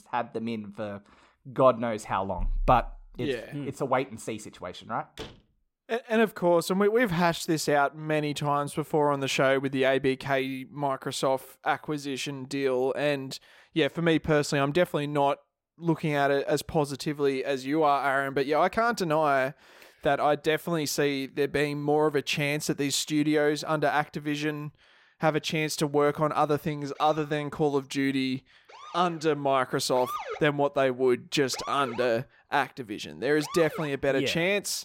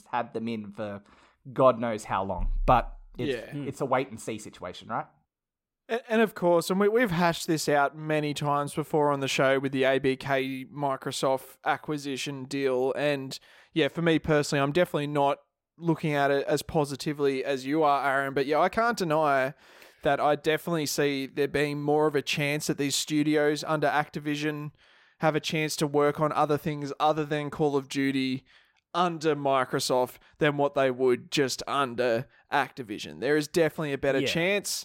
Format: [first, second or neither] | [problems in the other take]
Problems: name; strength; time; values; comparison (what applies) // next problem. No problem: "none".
second | door banging; faint; at 5 s; peak 15 dB below the speech // siren; noticeable; from 27 to 34 s; peak 8 dB below the speech